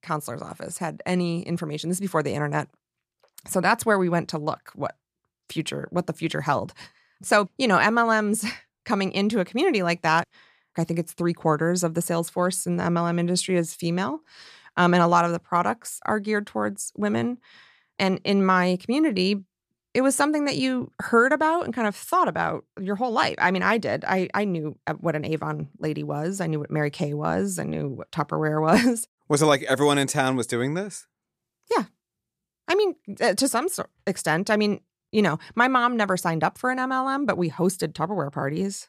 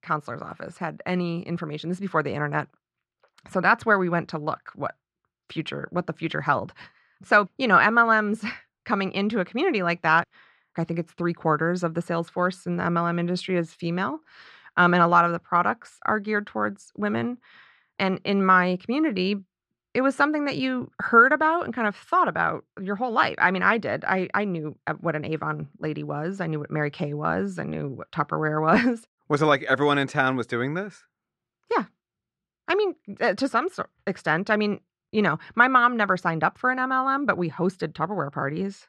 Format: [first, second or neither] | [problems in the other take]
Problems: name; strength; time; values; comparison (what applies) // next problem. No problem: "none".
first | muffled; slightly; fading above 3 kHz